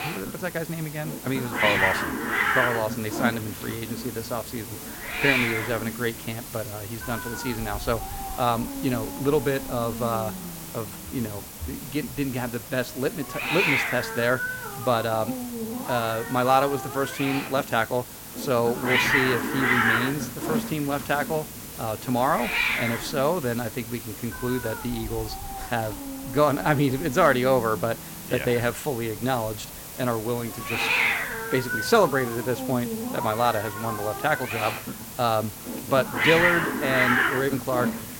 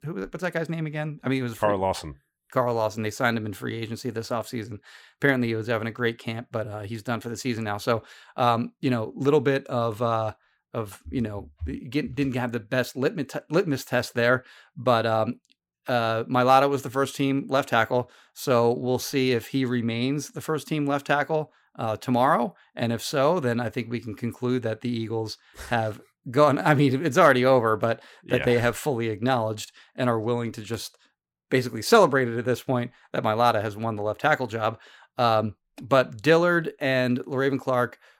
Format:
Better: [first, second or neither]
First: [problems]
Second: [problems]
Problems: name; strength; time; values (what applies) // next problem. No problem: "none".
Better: second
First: hiss; loud; throughout; 2 dB below the speech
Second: none